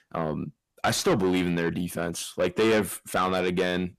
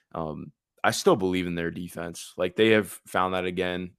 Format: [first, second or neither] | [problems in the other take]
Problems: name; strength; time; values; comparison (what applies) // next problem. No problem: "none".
second | distortion; heavy; 6 dB below the speech